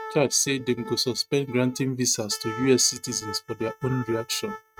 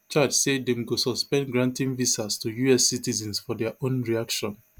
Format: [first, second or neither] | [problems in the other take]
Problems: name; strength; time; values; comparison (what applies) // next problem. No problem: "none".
second | noise reduction (neural mask model RNNoise)